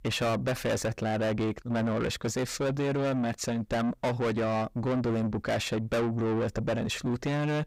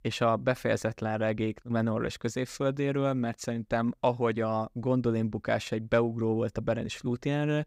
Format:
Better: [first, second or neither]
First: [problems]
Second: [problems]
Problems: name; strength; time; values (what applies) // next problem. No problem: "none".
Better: second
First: distortion; heavy; 7 dB below the speech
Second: none